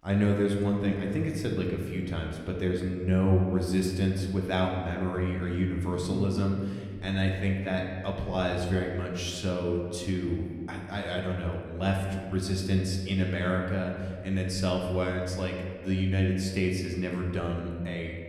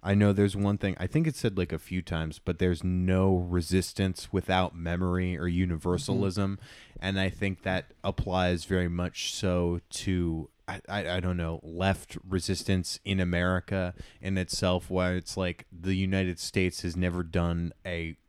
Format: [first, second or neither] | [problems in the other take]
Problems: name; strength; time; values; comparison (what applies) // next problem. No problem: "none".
second | room echo; noticeable; dies away in 1.7 s